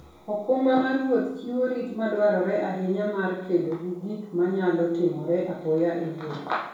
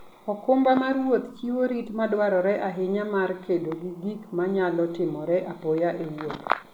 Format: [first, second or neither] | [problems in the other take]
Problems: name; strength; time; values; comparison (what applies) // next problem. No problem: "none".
second | room echo; dies away in 0.5 s